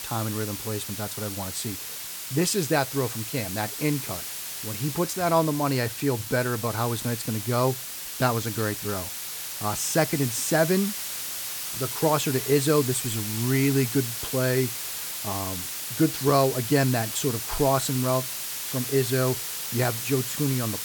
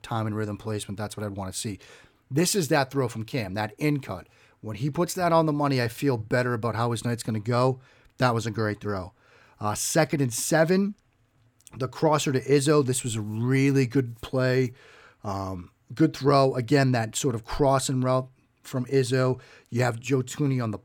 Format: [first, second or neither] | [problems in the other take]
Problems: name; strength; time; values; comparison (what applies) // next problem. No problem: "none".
second | hiss; loud; throughout; 4 dB below the speech